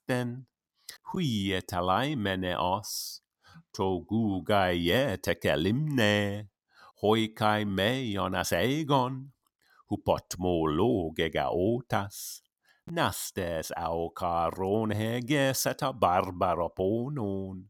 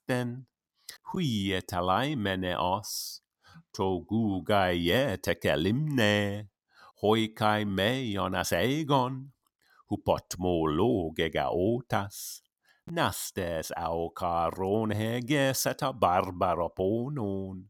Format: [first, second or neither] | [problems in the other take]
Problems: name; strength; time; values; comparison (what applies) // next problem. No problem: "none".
neither | none